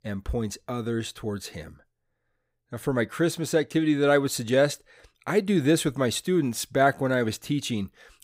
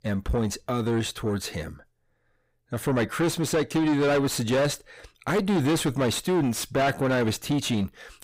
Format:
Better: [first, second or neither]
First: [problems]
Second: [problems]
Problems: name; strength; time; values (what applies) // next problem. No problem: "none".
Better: first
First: none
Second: distortion; heavy; 6 dB below the speech